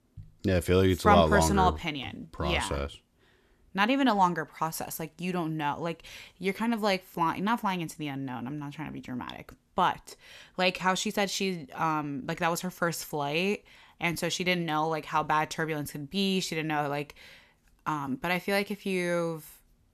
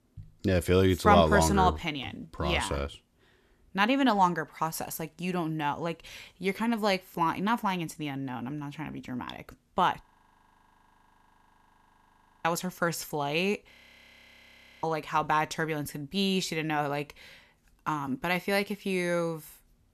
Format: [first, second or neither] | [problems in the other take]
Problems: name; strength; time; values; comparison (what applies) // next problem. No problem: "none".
first | audio freezing; at 10 s for 2.5 s and at 14 s for 1 s